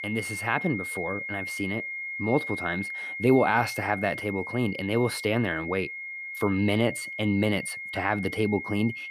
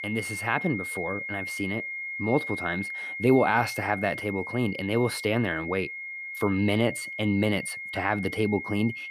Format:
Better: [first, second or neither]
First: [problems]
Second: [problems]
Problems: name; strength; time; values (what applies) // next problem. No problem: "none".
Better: neither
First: high-pitched whine; loud; throughout; 2 kHz, 6 dB below the speech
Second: high-pitched whine; loud; throughout; 2 kHz, 6 dB below the speech